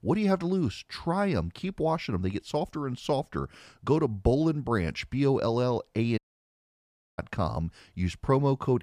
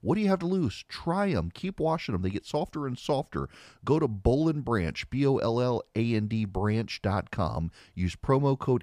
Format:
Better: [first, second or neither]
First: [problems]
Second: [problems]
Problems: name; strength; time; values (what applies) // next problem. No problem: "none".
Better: second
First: audio cutting out; at 6 s for 1 s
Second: none